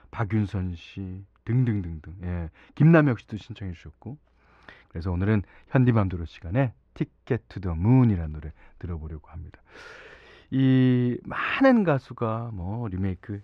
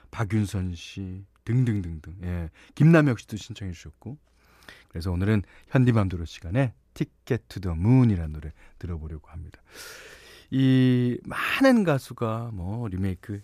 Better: second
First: muffled; slightly; fading above 3 kHz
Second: none

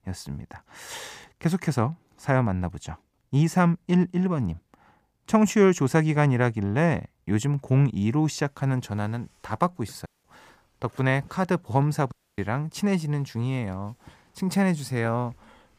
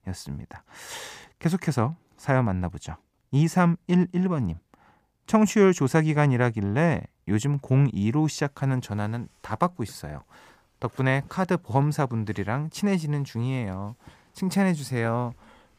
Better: second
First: audio cutting out; at 10 s and at 12 s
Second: none

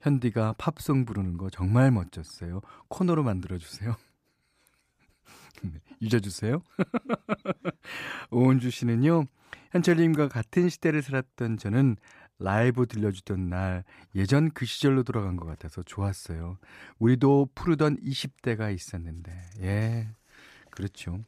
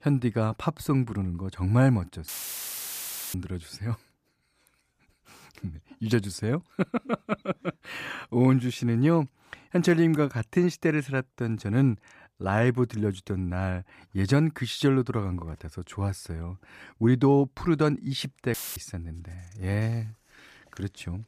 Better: first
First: none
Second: audio cutting out; filled with static; at 2.5 s for 1 s and at 19 s

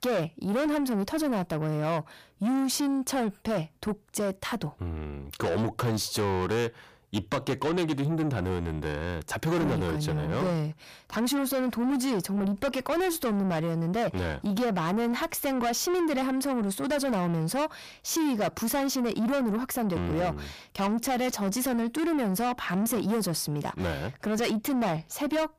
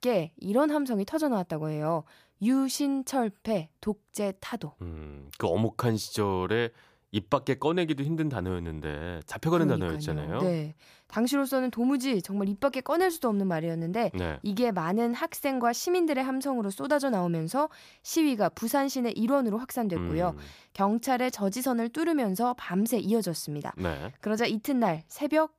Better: second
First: distortion; heavy; 7 dB below the speech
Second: none

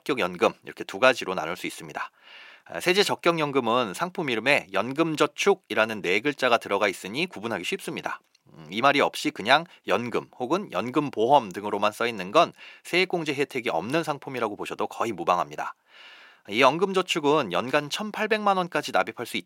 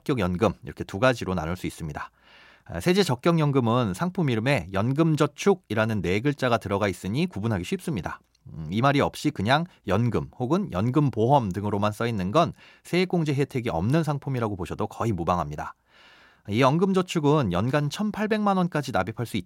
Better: second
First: thin; somewhat; fading below 350 Hz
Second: none

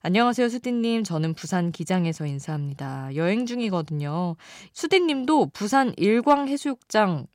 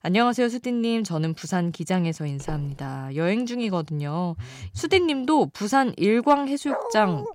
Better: first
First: none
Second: footsteps; faint; at 2.5 s; peak 15 dB below the speech // phone ringing; faint; at 4.5 s; peak 15 dB below the speech // dog barking; noticeable; at 6.5 s; peak 6 dB below the speech

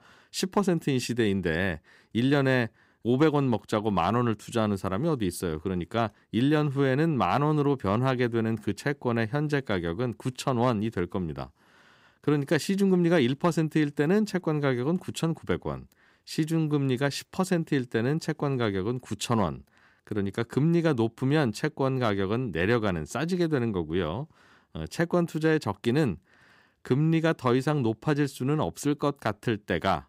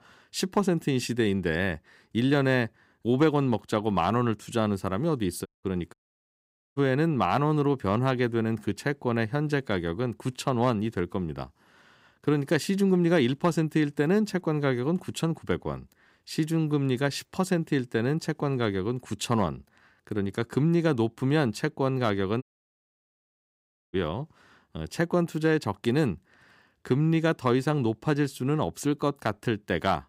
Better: first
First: none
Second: audio cutting out; at 5.5 s, at 6 s for 1 s and at 22 s for 1.5 s

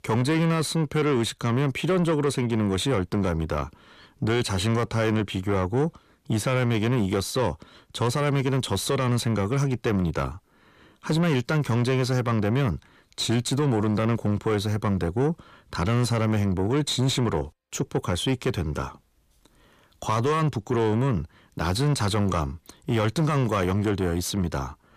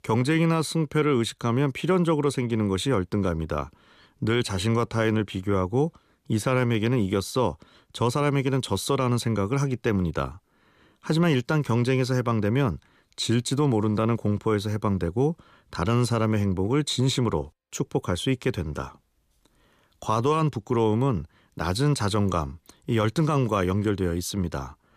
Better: second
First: distortion; slight; 10 dB below the speech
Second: none

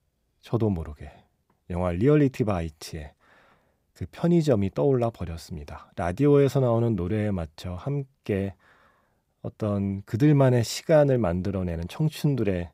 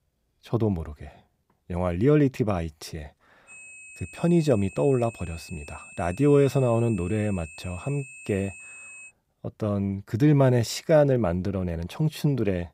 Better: first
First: none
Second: high-pitched whine; noticeable; from 3.5 to 9 s; 2.5 kHz, 20 dB below the speech

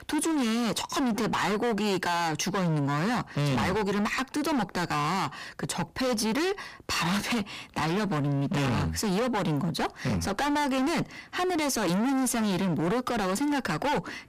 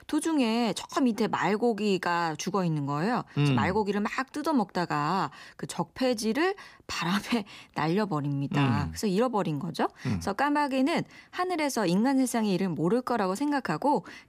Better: second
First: distortion; heavy; 36% of the sound clipped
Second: none

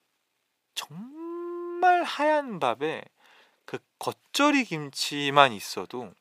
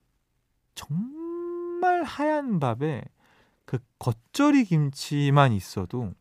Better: second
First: thin; somewhat; fading below 450 Hz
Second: none

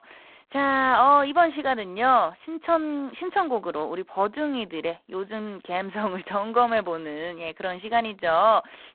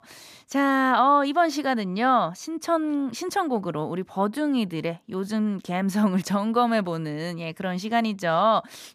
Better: second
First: phone-call audio; poor line; nothing above 3.5 kHz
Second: none

